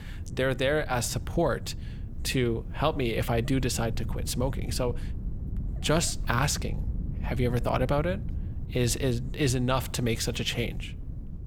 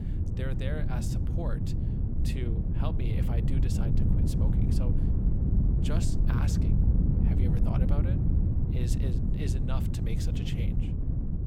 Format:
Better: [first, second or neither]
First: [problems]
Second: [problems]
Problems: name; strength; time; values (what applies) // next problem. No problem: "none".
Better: first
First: wind noise on the microphone; occasional gusts; 20 dB below the speech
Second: wind noise on the microphone; heavy; 2 dB above the speech